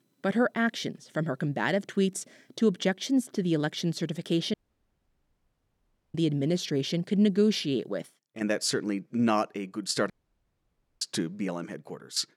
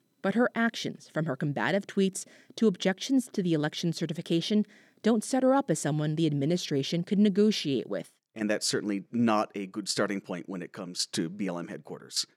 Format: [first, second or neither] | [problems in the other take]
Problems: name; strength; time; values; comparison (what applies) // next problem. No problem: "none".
second | audio cutting out; at 4.5 s for 1.5 s and at 10 s for 1 s